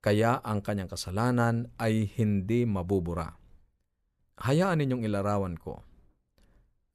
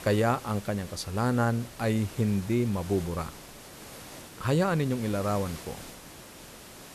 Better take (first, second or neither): first